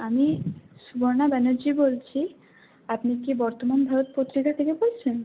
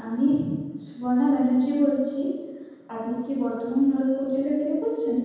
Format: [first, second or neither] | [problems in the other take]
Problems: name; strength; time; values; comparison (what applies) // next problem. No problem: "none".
first | room echo; dies away in 1.2 s